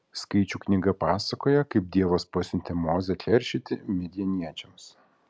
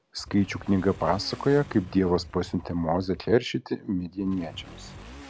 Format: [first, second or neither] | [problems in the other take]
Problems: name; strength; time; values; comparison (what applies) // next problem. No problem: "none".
first | background sound (Motorcycle / Accelerating, revving, vroom); 18 dB below the speech